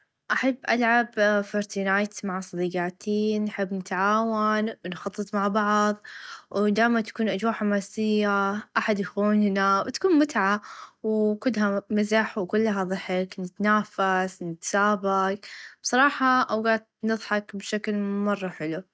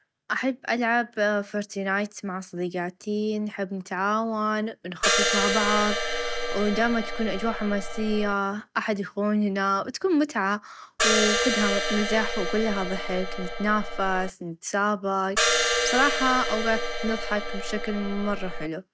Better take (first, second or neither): first